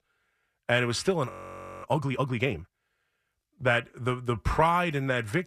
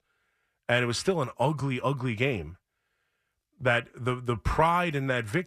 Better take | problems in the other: second | audio freezing; at 1.5 s for 0.5 s

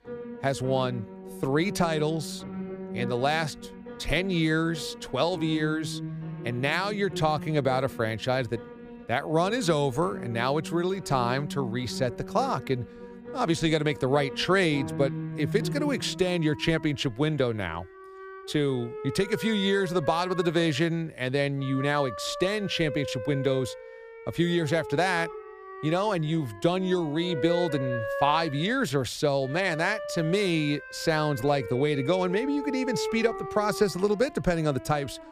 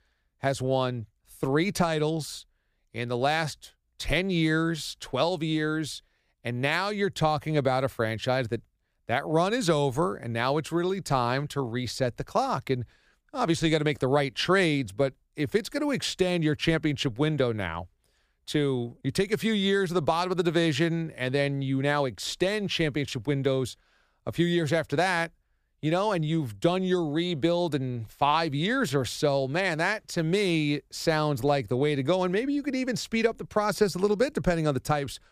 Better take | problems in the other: second | background music; noticeable; throughout; 10 dB below the speech

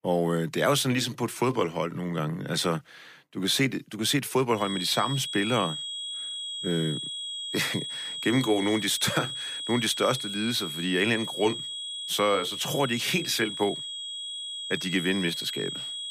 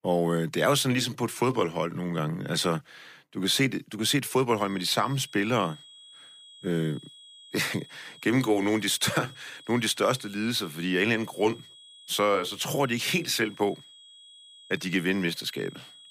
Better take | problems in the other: second | high-pitched whine; loud; from 4.5 s on; 3.5 kHz, 5 dB below the speech; faint in the second

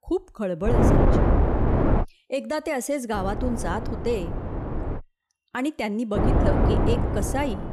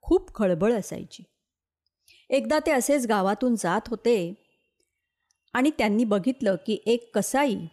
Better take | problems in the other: second | wind noise on the microphone; heavy; from 0.5 to 2 s, from 3 to 5 s and from 6 s on; as loud as the speech

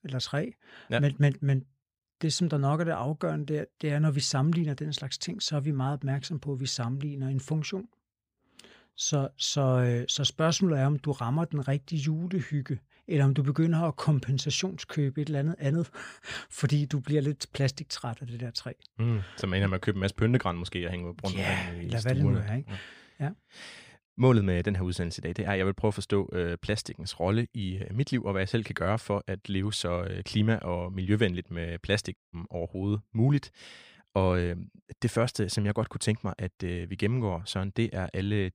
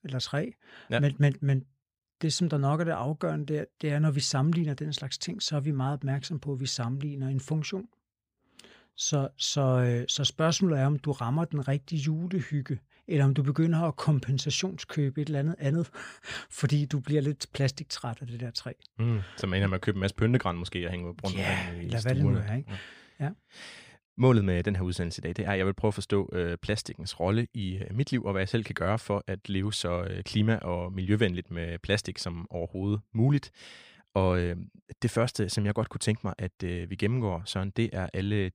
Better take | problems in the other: second | audio cutting out; at 32 s

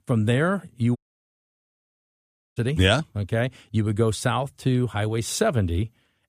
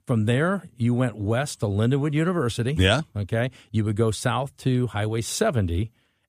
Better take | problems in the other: second | audio cutting out; at 1 s for 1.5 s

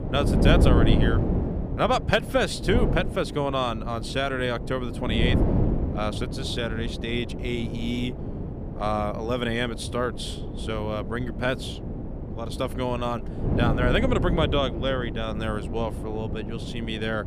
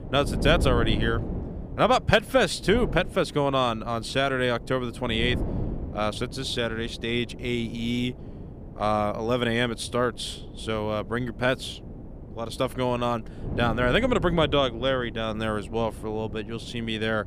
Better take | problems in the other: second | wind noise on the microphone; heavy; 7 dB below the speech; occasional gusts in the second

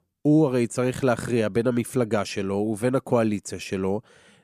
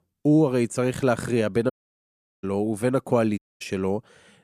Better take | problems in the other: first | audio cutting out; at 1.5 s for 0.5 s and at 3.5 s

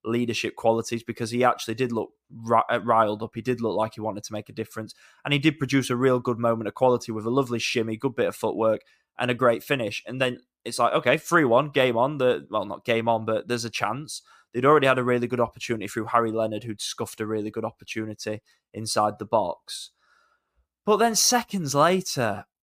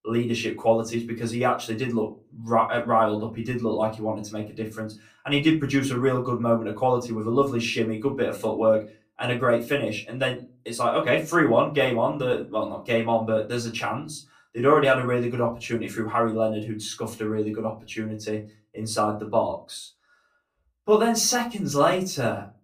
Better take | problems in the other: first | off-mic speech; far // room echo; very slight; dies away in 0.2 s

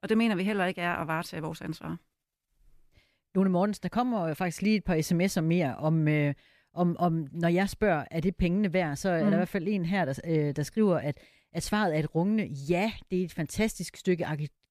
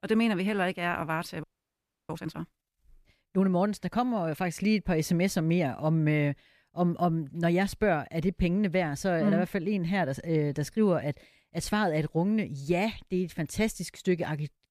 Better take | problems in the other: first | audio freezing; at 1.5 s for 0.5 s

